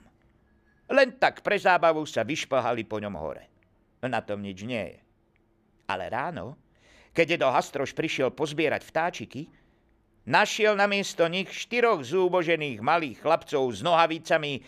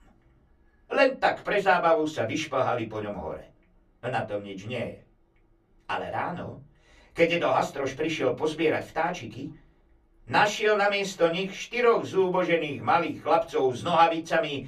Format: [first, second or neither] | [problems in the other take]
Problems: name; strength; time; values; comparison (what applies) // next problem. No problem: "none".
first | off-mic speech; far // room echo; very slight; dies away in 0.2 s